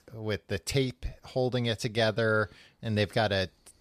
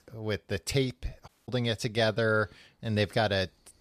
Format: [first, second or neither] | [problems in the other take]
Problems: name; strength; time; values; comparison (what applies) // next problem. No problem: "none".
first | audio cutting out; at 1.5 s